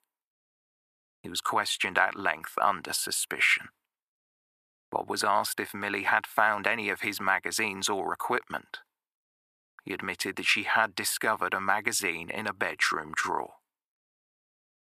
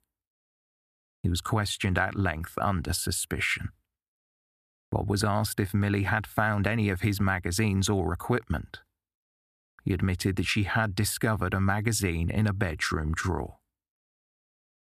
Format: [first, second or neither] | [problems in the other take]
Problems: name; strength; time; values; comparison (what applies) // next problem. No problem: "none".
second | thin; very; fading below 450 Hz